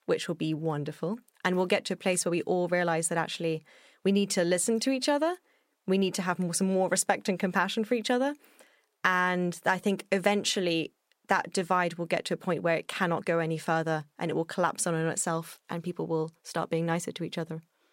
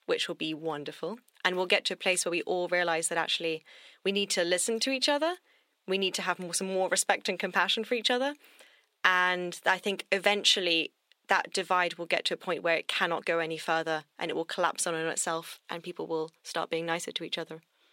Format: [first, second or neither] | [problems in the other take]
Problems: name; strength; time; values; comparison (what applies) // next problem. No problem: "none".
first | thin; somewhat; fading below 300 Hz